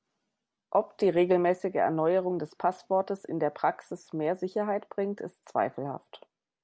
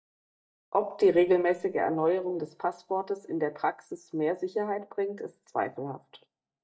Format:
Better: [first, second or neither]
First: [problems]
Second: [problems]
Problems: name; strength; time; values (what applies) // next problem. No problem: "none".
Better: first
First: none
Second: noise reduction (neural mask model DeepFilterNet 3)